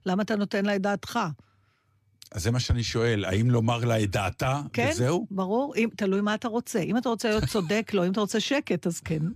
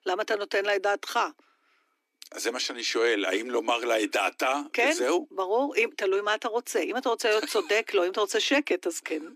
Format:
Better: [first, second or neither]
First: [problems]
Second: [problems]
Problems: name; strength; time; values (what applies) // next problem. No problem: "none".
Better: first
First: none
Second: thin; somewhat; fading below 300 Hz